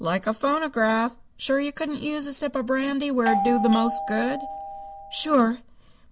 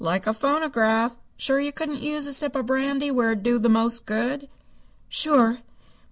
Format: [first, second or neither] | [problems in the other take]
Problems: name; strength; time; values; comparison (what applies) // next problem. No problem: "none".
second | background sound (Doorbell); 4 dB below the speech